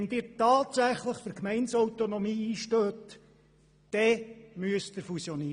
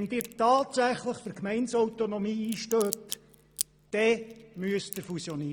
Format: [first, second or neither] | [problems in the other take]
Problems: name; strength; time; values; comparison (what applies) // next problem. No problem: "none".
first | background sound (Crack); 15 dB below the speech